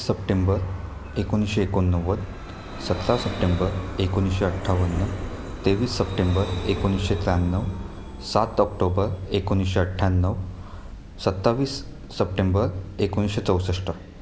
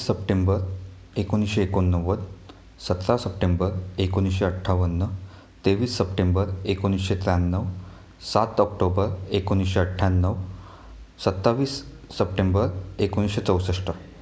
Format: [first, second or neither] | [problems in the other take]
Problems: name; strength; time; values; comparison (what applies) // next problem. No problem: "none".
second | background sound (Vehicle); 10 dB below the speech